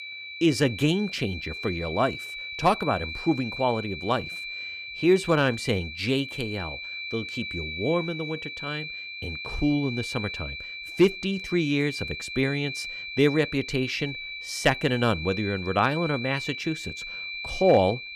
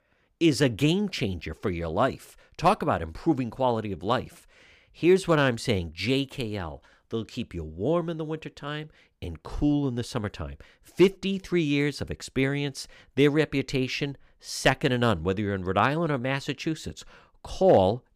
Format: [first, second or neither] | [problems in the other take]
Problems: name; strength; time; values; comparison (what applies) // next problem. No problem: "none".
second | high-pitched whine; loud; throughout; 2.5 kHz, 7 dB below the speech